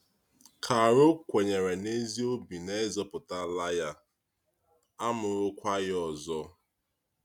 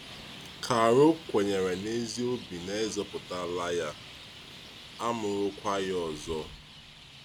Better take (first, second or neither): first